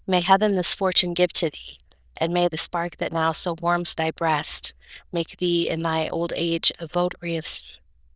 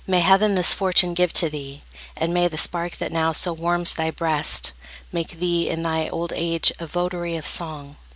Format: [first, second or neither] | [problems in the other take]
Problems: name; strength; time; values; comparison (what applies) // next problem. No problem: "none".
second | noise reduction (neural diffusion model UNIVERSE++)